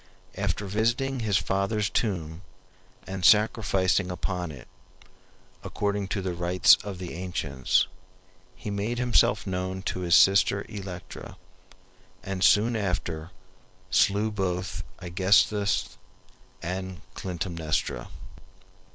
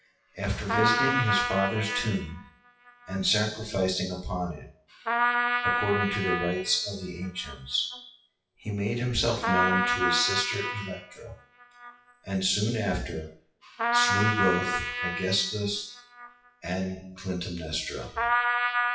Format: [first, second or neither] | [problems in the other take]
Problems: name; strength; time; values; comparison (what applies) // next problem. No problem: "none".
first | noise reduction (classical method WPE with log-MMSE)